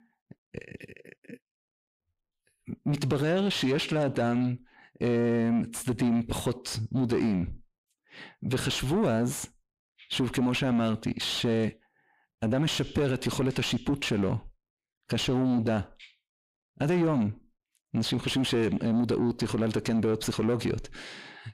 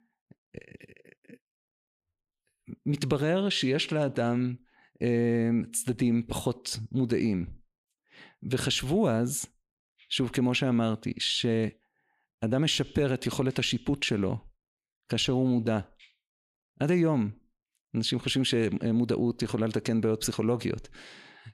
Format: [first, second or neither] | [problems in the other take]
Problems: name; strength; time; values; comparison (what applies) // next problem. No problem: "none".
second | distortion; slight; 9 dB below the speech